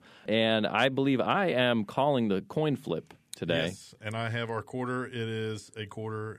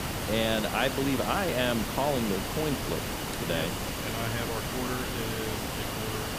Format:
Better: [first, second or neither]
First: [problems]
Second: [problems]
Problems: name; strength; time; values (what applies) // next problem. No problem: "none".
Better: first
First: none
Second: hiss; loud; throughout; 1 dB below the speech